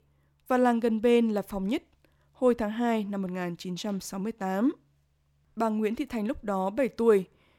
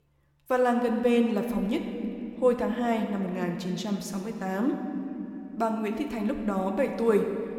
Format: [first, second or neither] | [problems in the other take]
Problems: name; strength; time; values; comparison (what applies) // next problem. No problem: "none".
first | room echo; slight; dies away in 2.5 s